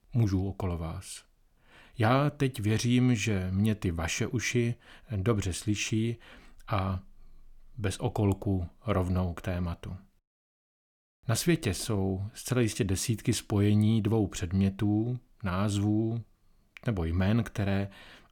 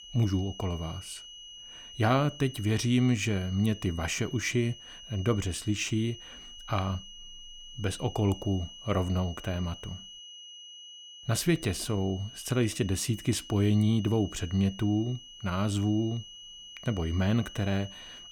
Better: first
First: none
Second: high-pitched whine; noticeable; throughout; 3 kHz, 15 dB below the speech

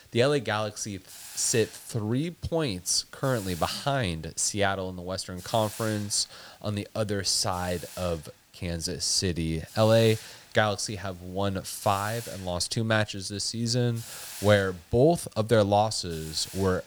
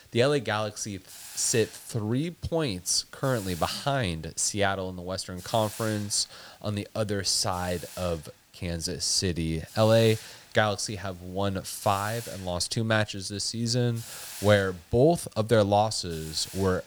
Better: neither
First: hiss; noticeable; throughout; 15 dB below the speech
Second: hiss; noticeable; throughout; 15 dB below the speech

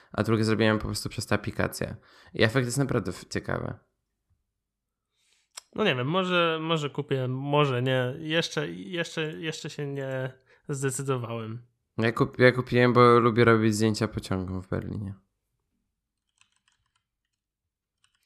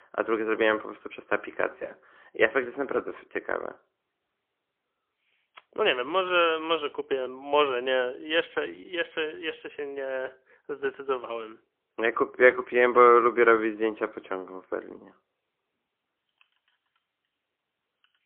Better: first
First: none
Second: phone-call audio; poor line; nothing above 3.5 kHz

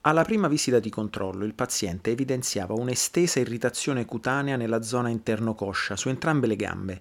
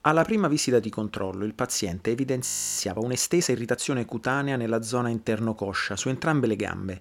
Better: first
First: none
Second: audio freezing; at 2.5 s

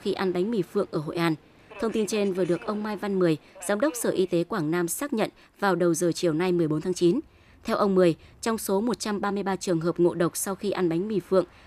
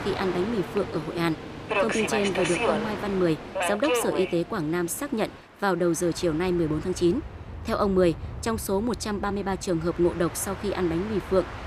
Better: first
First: train or aircraft noise; faint; throughout; 25 dB below the speech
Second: train or aircraft noise; loud; throughout; 6 dB below the speech

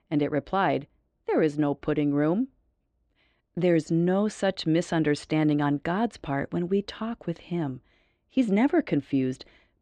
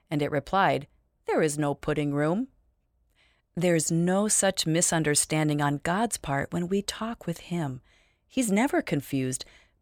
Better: second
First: muffled; slightly; fading above 4 kHz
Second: none

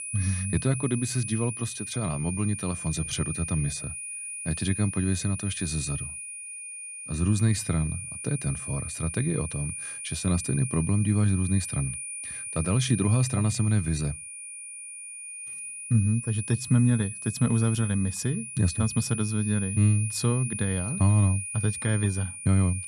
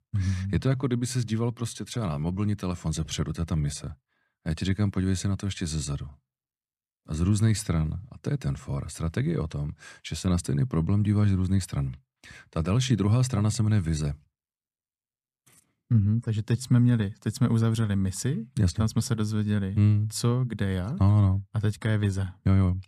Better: second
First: high-pitched whine; loud; throughout; 9.5 kHz, 7 dB below the speech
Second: none

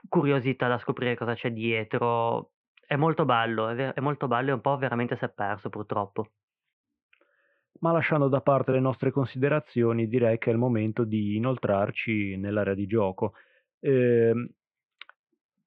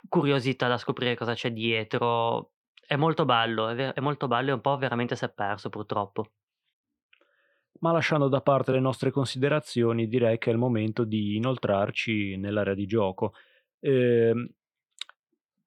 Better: second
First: muffled; very; fading above 2.5 kHz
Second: none

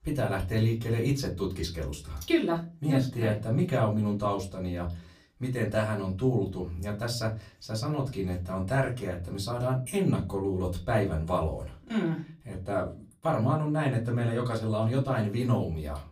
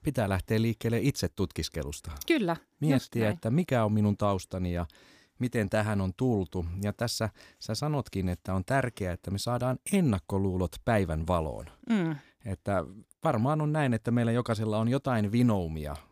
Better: second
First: off-mic speech; far // room echo; very slight; dies away in 0.3 s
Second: none

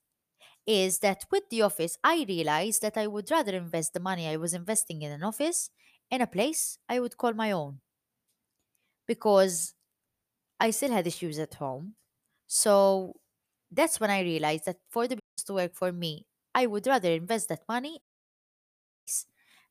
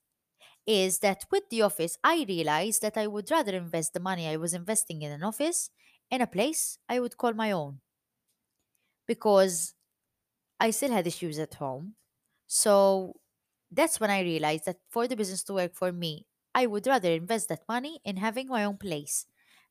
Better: second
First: audio cutting out; at 15 s and at 18 s for 1 s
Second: none

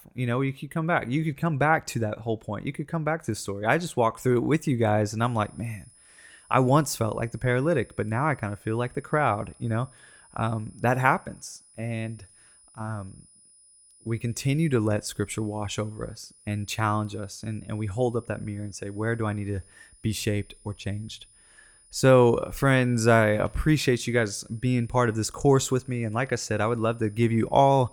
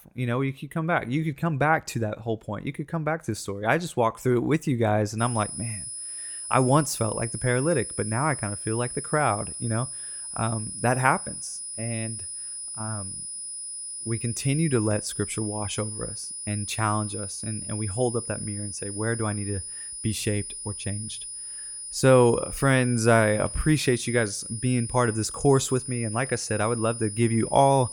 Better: first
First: high-pitched whine; faint; from 5 s on; 9.5 kHz, 30 dB below the speech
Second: high-pitched whine; loud; from 5 s on; 9.5 kHz, 7 dB below the speech

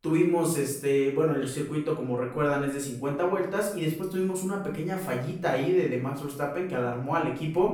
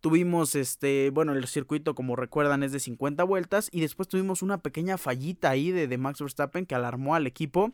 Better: second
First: off-mic speech; far // room echo; noticeable; dies away in 0.5 s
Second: none

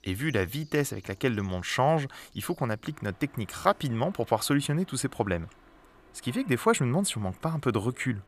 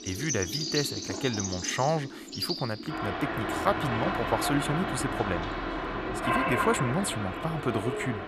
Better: first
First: animal sounds; faint; throughout; 25 dB below the speech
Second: animal sounds; loud; throughout; as loud as the speech

